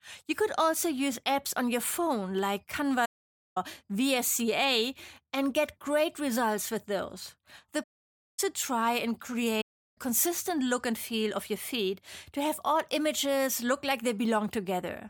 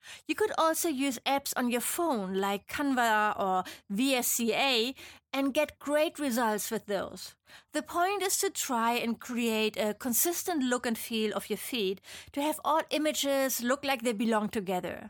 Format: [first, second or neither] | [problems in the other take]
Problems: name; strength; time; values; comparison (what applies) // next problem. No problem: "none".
second | audio cutting out; at 3 s for 0.5 s, at 8 s for 0.5 s and at 9.5 s